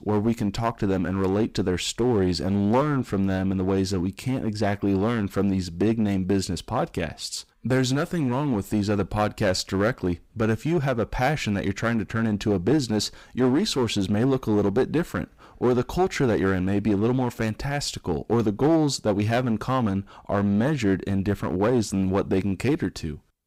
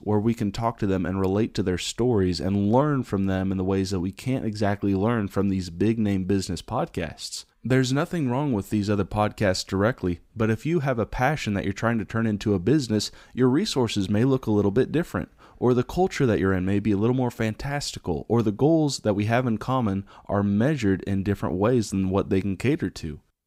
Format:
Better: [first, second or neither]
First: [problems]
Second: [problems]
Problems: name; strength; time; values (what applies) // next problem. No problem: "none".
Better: second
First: distortion; slight; 7% of the sound clipped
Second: none